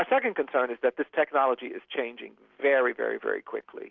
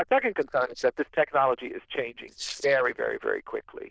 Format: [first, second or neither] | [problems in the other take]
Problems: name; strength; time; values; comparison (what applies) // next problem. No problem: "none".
first | noise reduction (neural diffusion model UNIVERSE++)